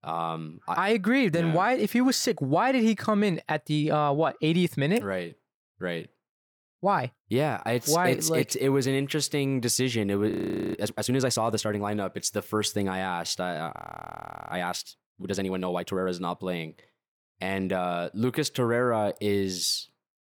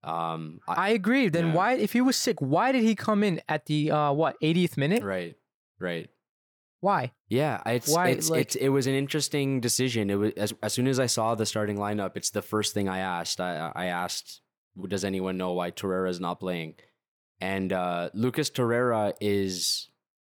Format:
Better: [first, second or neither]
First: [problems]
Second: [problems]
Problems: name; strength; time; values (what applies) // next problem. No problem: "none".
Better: second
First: audio freezing; at 10 s and at 14 s for 1 s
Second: none